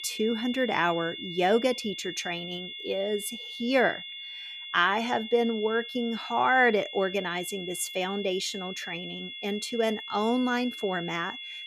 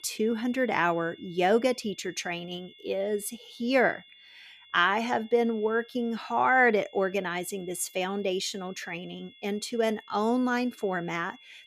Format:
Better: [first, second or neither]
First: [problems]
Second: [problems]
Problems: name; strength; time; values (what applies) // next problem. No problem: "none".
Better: second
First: high-pitched whine; loud; throughout; 3.5 kHz, 9 dB below the speech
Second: high-pitched whine; faint; throughout; 3.5 kHz, 25 dB below the speech